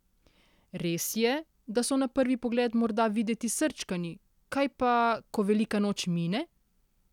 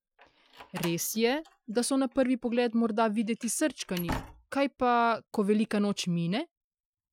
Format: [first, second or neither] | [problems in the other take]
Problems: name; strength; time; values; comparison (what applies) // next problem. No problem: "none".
first | noise reduction (classical method Wiener filter)